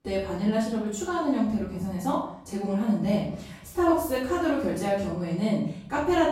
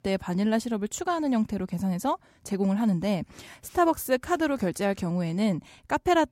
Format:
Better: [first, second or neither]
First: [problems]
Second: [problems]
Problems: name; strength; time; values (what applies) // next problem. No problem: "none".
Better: second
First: off-mic speech; far // room echo; noticeable; dies away in 0.6 s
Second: none